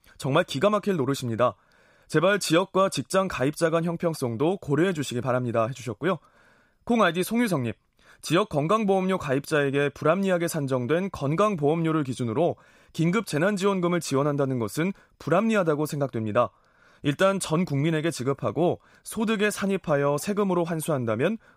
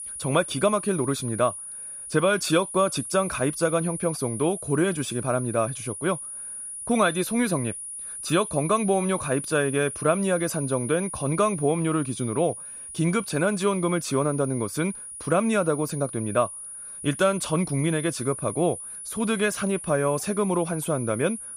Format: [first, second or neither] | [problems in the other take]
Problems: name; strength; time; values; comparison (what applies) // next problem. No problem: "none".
first | high-pitched whine; loud; throughout; 9.5 kHz, 9 dB below the speech